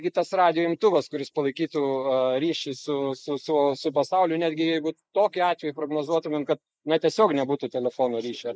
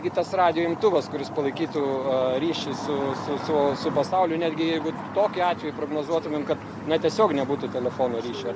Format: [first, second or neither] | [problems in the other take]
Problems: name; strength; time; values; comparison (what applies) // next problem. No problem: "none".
second | noise reduction (neural mask model Resemble Enhance denoiser)